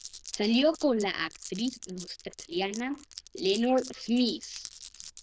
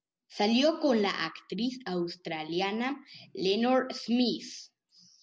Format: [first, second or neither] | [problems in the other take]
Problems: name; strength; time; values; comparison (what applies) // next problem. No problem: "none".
second | noise reduction (neural diffusion model UNIVERSE++)